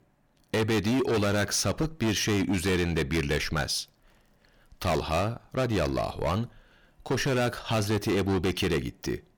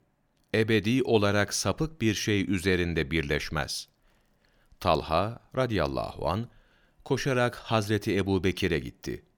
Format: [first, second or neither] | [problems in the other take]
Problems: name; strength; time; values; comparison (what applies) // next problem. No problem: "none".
second | distortion; heavy; 16% of the sound clipped